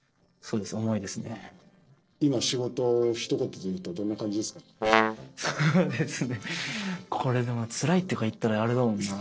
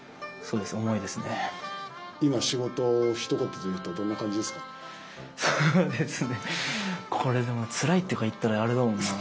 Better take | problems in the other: second | noise reduction (neural separator model SepFormer DNS4)

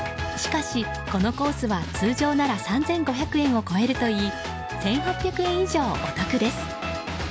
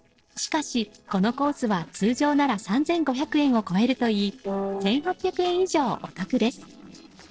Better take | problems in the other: first | noise reduction (neural separator model SepFormer DNS4)

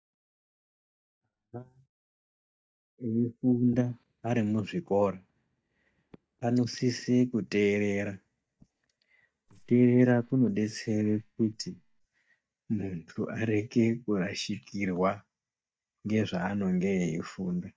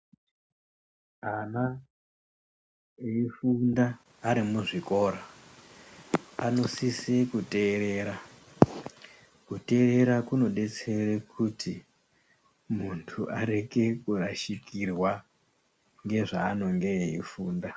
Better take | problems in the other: second | noise reduction (neural mask model DeepFilterNet 3)

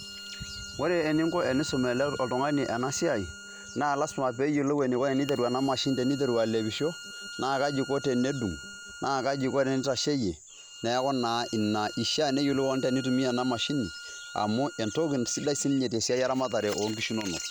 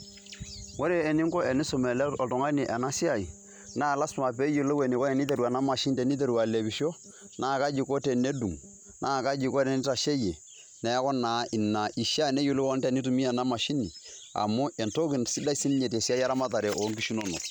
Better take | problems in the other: second | background sound (Bowed string instrument); 15 dB below the speech

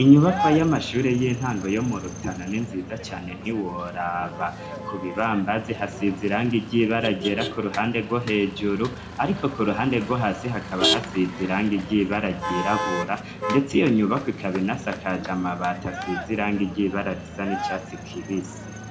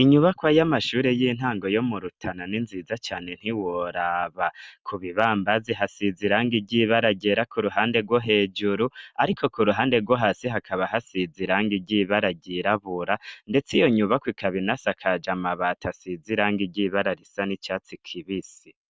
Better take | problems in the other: second | background sound (Motor vehicle (road)); 8 dB below the speech // room echo; dies away in 0.4 s

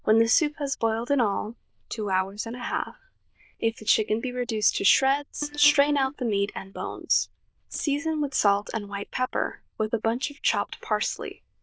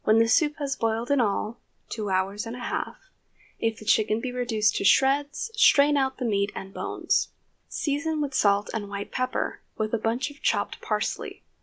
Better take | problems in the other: second | noise reduction (neural diffusion model UNIVERSE++)

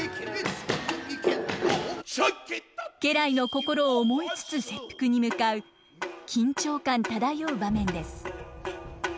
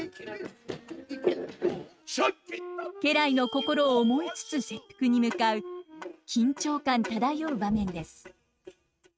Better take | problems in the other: first | noise reduction (neural mask model RNNoise)

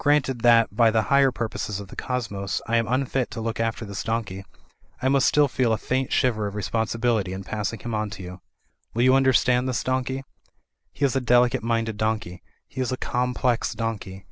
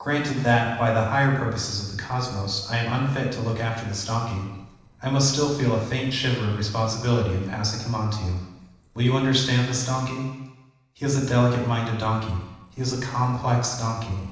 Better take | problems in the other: first | noise reduction (neural separator model SepFormer DNS4)

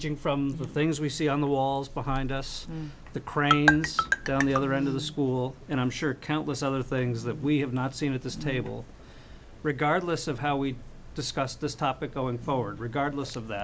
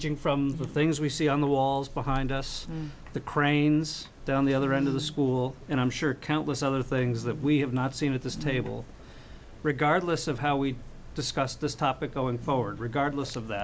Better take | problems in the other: second | background sound (Marimba, xylophone); 2 dB above the speech

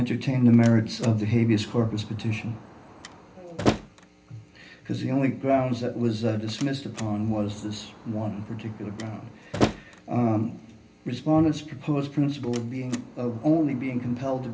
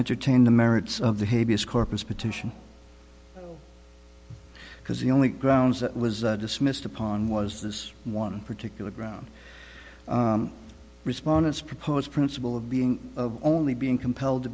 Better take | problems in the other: second | background sound (Slam); 11 dB below the speech // room echo; dies away in 0.3 s

